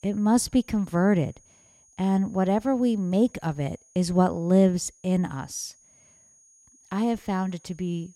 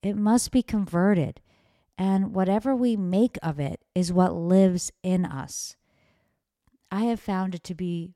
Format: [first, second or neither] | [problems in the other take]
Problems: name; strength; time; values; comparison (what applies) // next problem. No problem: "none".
second | high-pitched whine; faint; throughout; 6.5 kHz, 30 dB below the speech